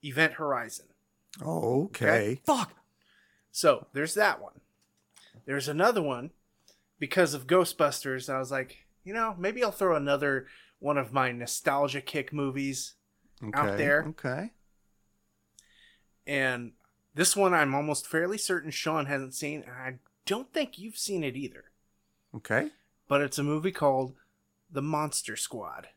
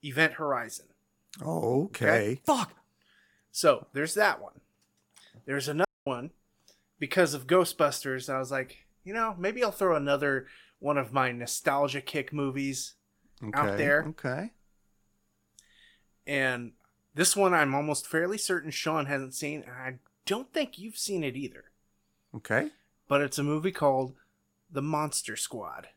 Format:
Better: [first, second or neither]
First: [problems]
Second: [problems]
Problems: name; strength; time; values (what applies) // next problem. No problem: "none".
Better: first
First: none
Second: audio cutting out; at 6 s